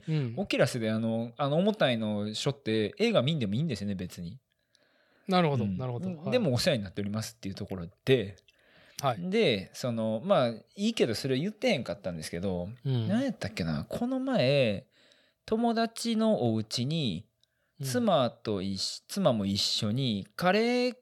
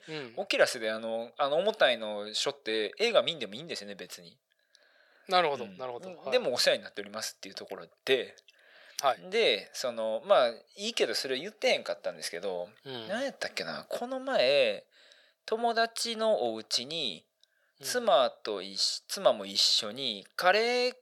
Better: first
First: none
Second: thin; very; fading below 550 Hz

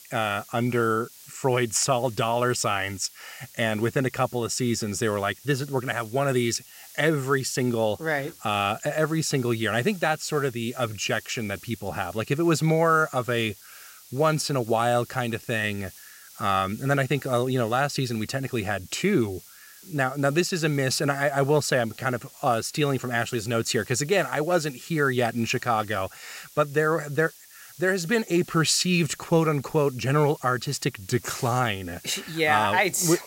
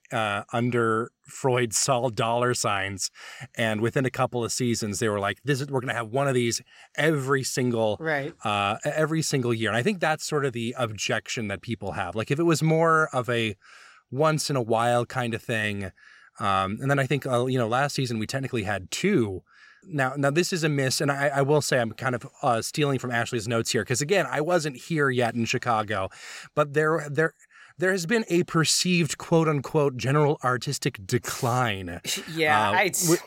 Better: second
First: hiss; faint; throughout; 20 dB below the speech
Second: none

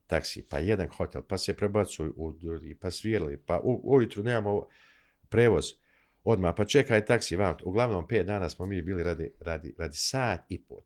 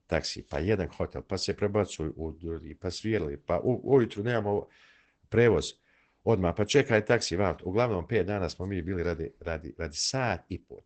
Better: first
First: garbled, watery; slightly; nothing above 19.5 kHz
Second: garbled, watery; badly; nothing above 8 kHz

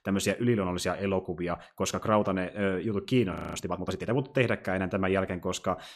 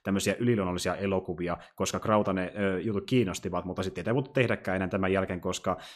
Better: second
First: audio freezing; at 3.5 s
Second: none

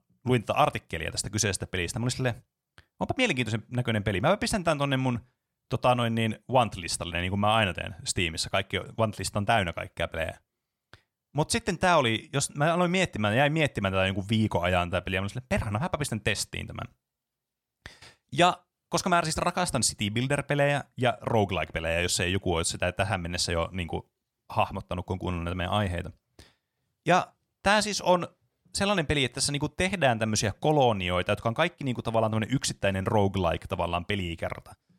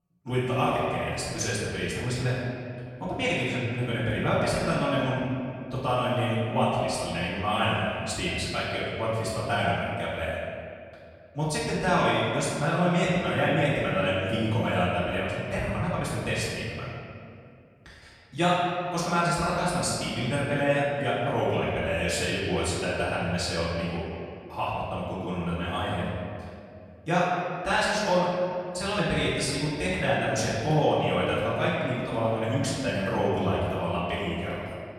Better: first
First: none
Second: off-mic speech; far // room echo; strong; dies away in 2.1 s

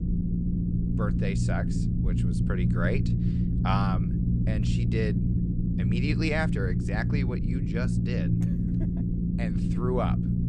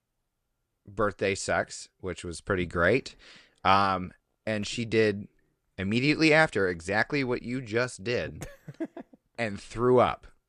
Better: second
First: low rumble; loud; throughout; 3 dB below the speech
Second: none

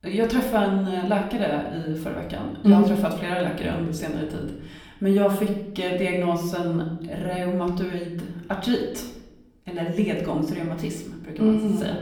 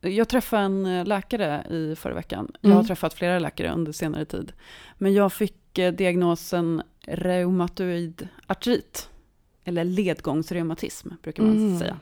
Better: second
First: off-mic speech; far // room echo; slight; dies away in 0.8 s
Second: none

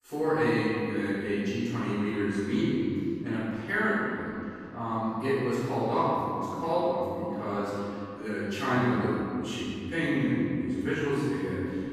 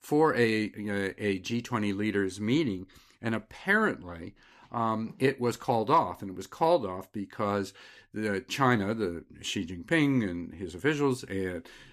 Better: second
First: off-mic speech; far // room echo; strong; dies away in 2.4 s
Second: none

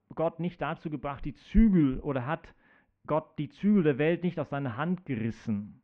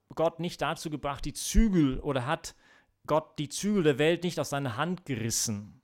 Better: second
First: muffled; very; fading above 2.5 kHz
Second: none

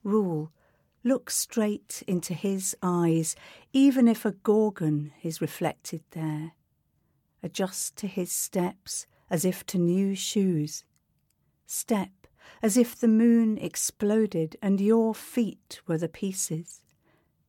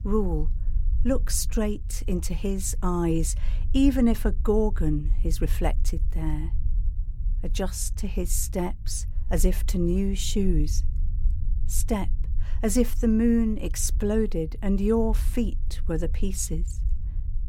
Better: first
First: none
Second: low rumble; faint; throughout; 20 dB below the speech

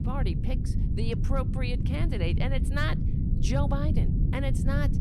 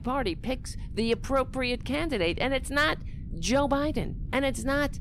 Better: second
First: low rumble; loud; throughout; 5 dB below the speech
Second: low rumble; faint; throughout; 25 dB below the speech

